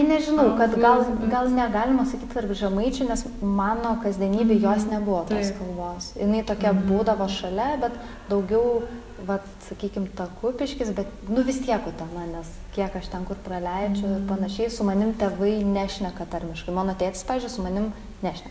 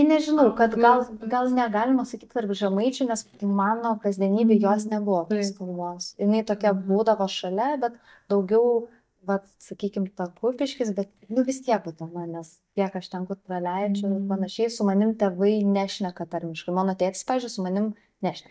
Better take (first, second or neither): first